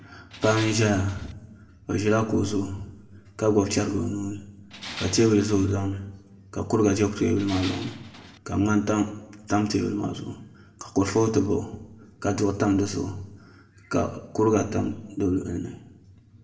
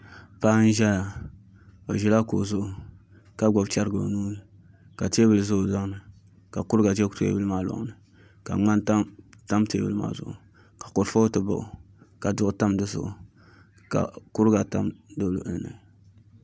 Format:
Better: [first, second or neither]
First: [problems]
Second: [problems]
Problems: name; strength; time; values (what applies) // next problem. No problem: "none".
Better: second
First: background sound (Tools); 13 dB below the speech // room echo; dies away in 0.6 s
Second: none